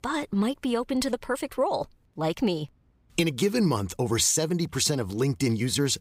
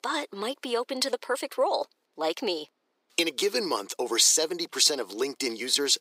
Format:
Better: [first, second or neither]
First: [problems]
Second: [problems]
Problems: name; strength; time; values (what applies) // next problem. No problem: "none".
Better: first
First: none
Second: thin; somewhat; fading below 350 Hz